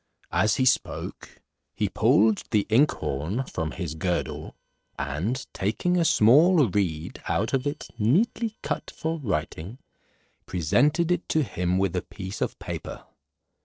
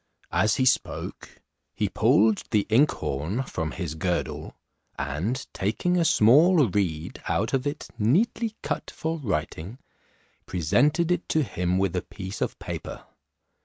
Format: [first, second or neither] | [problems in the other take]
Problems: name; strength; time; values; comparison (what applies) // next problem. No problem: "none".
second | noise reduction (neural separator model SepFormer DNS4)